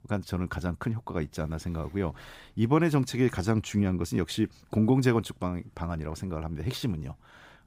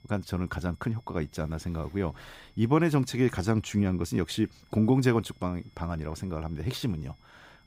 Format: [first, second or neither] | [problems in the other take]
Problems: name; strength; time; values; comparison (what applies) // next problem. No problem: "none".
first | high-pitched whine; faint; throughout; 2 kHz, 35 dB below the speech